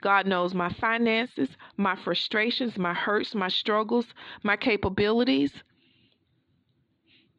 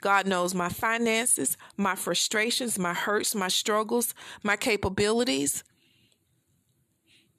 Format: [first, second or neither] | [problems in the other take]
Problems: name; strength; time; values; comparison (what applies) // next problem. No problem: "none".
second | muffled; slightly; fading above 4 kHz